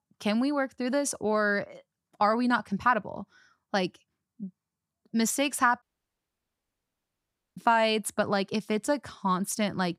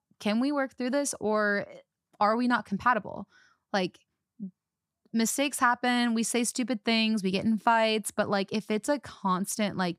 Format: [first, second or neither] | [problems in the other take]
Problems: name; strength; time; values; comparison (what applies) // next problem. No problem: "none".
second | audio cutting out; at 6 s for 1.5 s